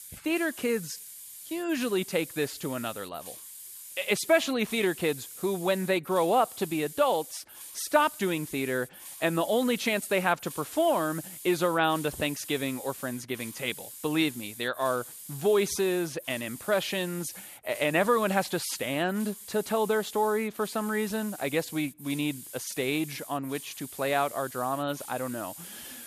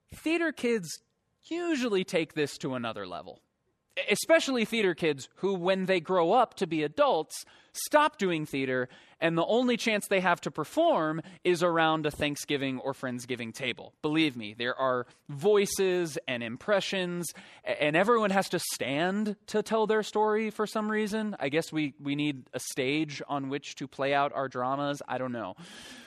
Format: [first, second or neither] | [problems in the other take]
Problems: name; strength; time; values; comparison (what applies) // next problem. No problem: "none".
second | hiss; noticeable; throughout; 15 dB below the speech